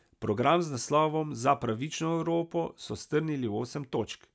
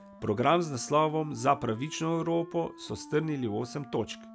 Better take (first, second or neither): first